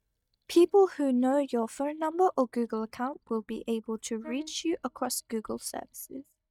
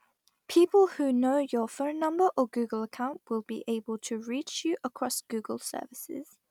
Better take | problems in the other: second | noise reduction (neural mask model DeepFilterNet 3)

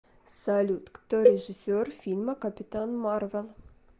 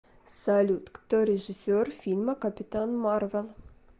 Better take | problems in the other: second | background sound (Cowbell); 2 dB above the speech

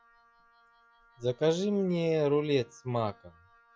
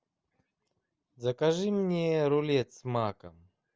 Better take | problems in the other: second | noise reduction (classical method log-MMSE)

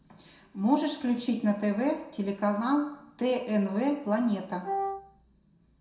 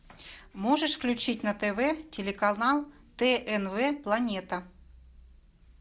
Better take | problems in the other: second | background sound (Wind instrument, woodwind instrument); 5 dB below the speech // room echo; dies away in 0.6 s

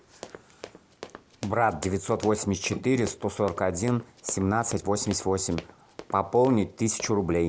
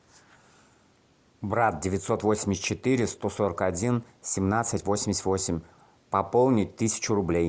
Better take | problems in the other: second | background sound (Run); 17 dB below the speech

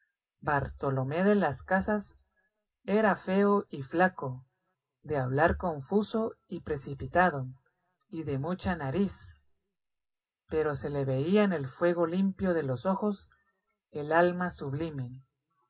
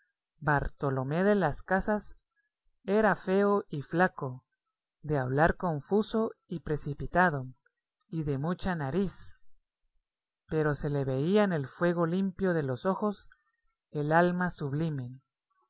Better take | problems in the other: second | room echo; dies away in 0.2 s

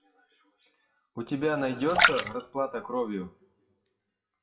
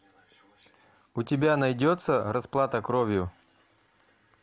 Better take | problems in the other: second | noise reduction (classical method WPE with log-MMSE)

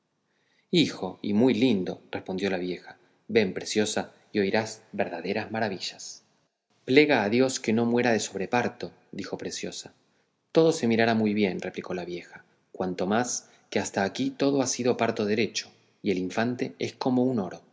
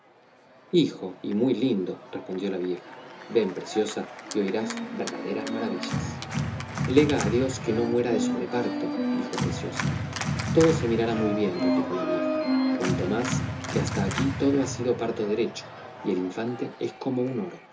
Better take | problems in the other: first | background sound (Organ); 3 dB below the speech // room echo; dies away in 0.2 s

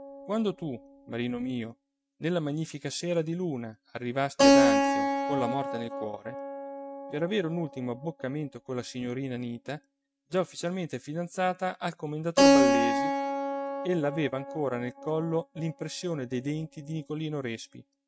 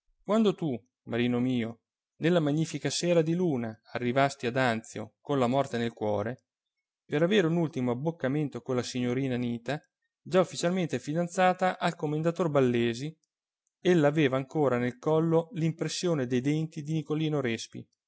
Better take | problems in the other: second | noise reduction (neural mask model RNNoise)

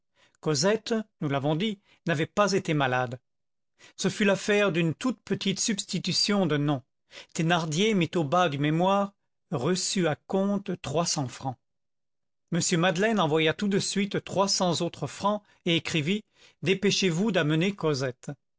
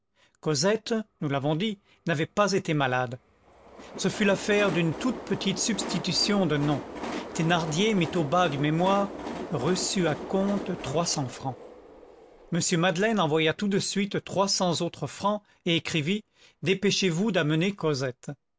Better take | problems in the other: first | background sound (Train); 13 dB below the speech

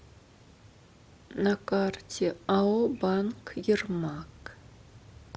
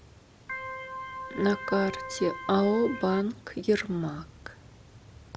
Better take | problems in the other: first | background sound (Organ); 8 dB below the speech

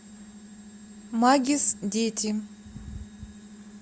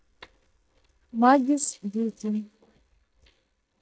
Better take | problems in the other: first | noise reduction (neural mask model DeepFilterNet 3)

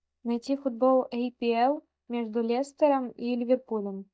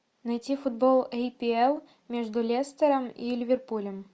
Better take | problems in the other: second | noise reduction (neural mask model DeepFilterNet 3)

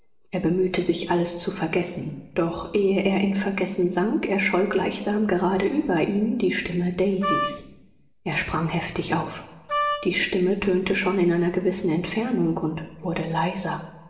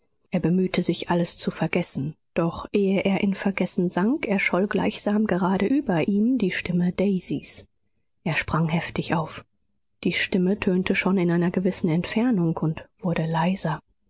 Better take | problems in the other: second | background sound (Wind instrument, woodwind instrument); 3 dB below the speech // room echo; dies away in 1 s

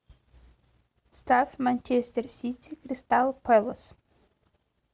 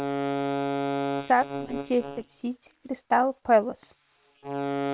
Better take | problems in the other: first | noise reduction (neural separator model SepFormer WHAM!)

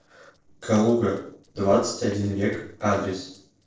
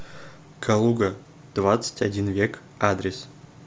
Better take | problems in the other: second | noise reduction (neural separator model SepFormer DNS4)

